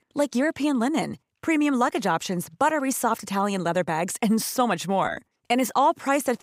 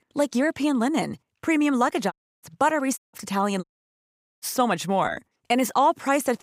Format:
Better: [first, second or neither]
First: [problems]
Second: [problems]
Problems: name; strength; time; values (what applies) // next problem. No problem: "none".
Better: first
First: none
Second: audio cutting out; at 2 s, at 3 s and at 3.5 s for 1 s